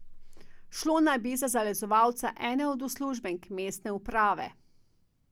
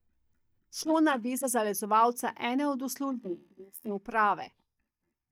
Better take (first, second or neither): first